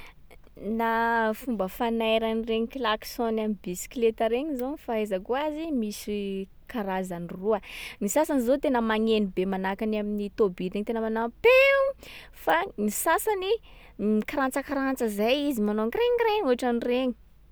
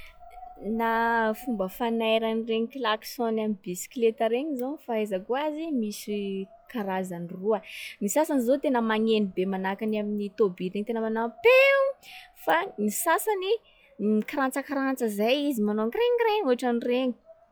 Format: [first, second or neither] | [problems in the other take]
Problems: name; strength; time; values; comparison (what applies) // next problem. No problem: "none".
first | noise reduction (classical method log-MMSE)